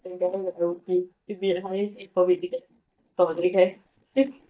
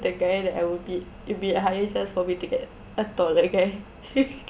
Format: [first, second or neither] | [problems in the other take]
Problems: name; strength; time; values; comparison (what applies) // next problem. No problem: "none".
second | noise reduction (neural mask model DeepFilterNet 3)